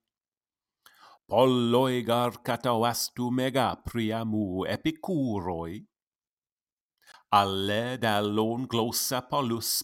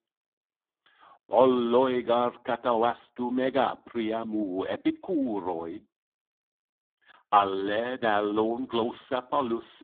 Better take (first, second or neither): first